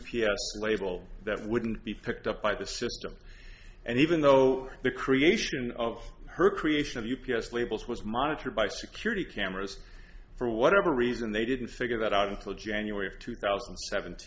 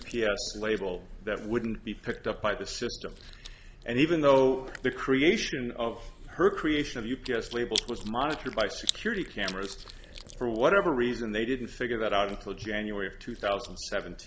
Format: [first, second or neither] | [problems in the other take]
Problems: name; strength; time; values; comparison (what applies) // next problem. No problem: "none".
first | background sound (Chewing, mastication); 15 dB below the speech